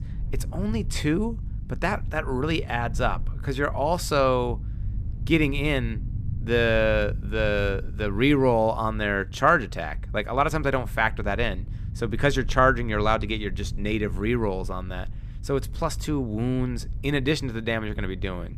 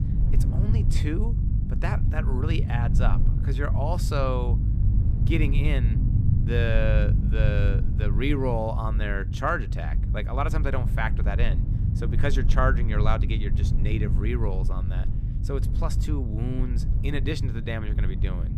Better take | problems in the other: first | low rumble; loud; throughout; 8 dB below the speech; faint in the first

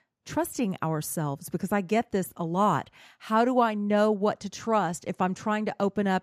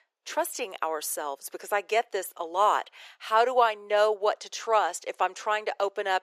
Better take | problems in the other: first | thin; very; fading below 450 Hz

